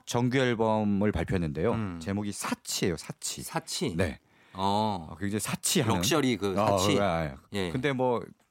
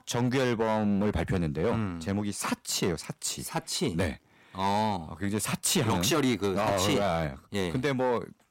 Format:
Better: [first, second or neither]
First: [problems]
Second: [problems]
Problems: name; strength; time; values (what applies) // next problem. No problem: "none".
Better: first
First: none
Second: distortion; slight; 7% of the sound clipped